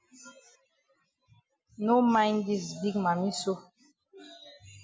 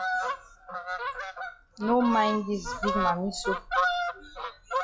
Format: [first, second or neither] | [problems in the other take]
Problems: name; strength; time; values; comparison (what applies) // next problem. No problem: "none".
first | noise reduction (classical method log-MMSE)